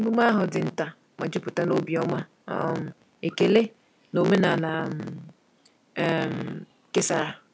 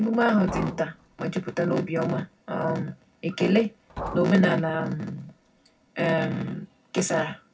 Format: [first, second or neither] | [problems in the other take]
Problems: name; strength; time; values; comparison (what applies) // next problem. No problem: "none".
first | background sound (Liquid); 15 dB below the speech // room echo; dies away in 0.4 s